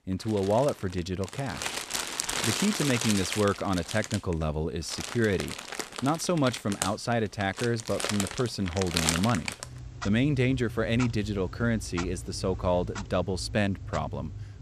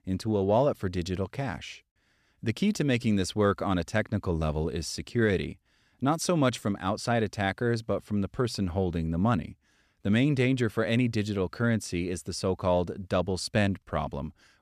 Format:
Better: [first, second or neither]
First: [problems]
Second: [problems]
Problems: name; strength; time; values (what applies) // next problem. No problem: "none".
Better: second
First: household noises; loud; throughout; 5 dB below the speech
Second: none